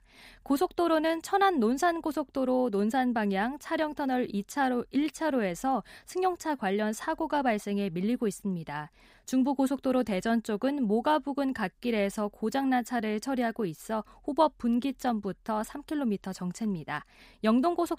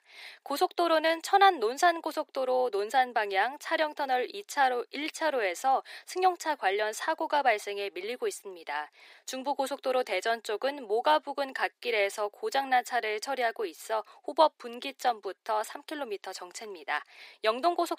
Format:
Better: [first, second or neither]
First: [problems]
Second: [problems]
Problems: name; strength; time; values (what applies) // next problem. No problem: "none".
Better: first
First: none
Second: thin; very; fading below 350 Hz